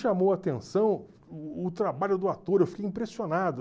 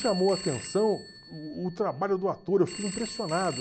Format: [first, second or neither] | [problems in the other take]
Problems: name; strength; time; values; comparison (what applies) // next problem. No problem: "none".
first | background sound (Telephone); 12 dB below the speech